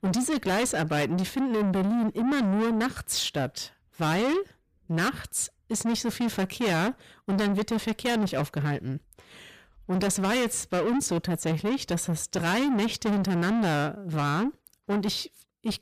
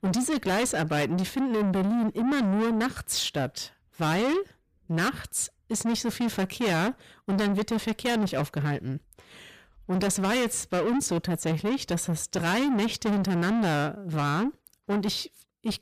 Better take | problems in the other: neither | distortion; heavy; 6 dB below the speech; the same in both

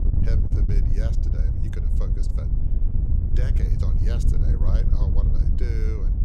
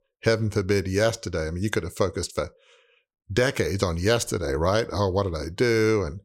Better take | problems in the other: second | wind noise on the microphone; heavy; 2 dB above the speech

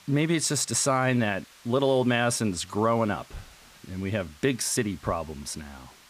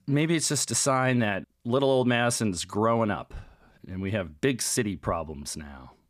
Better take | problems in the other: second | hiss; faint; throughout; 25 dB below the speech

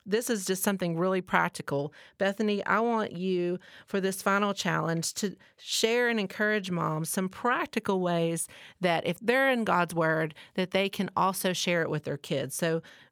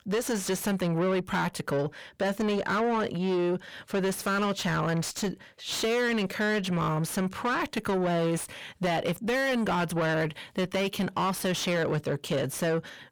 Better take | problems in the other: first | distortion; heavy; 7 dB below the speech

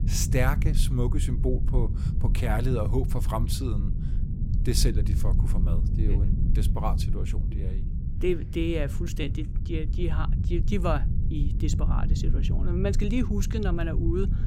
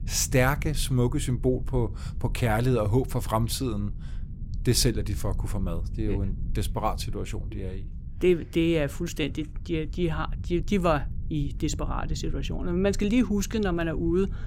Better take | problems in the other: second | low rumble; loud; throughout; 9 dB below the speech; faint in the second

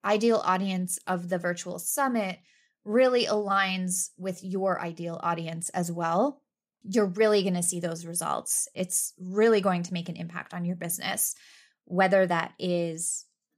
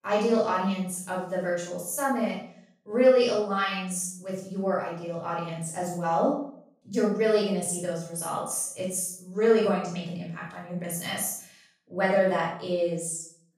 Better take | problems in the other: first | off-mic speech; far // room echo; noticeable; dies away in 0.5 s

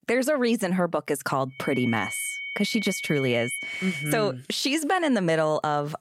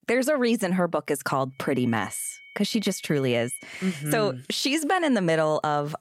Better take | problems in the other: second | high-pitched whine; loud; from 1.5 to 4 s; 2 kHz, 6 dB below the speech; faint in the second

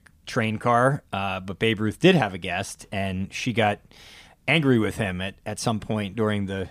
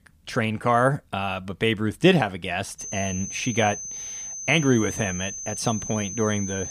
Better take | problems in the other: first | high-pitched whine; loud; from 3 s on; 6 kHz, 7 dB below the speech

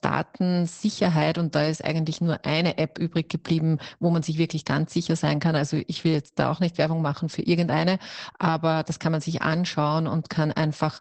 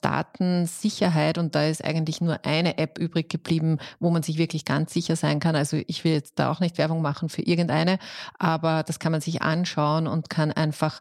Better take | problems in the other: second | garbled, watery; badly; nothing above 8 kHz

